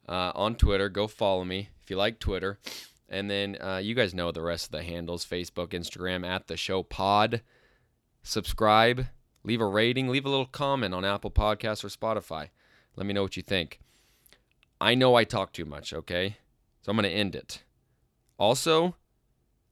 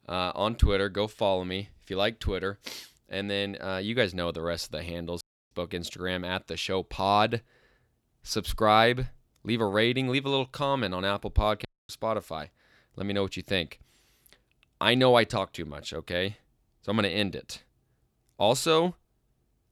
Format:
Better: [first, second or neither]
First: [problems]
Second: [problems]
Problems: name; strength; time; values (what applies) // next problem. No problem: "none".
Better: first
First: none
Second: audio cutting out; at 5 s and at 12 s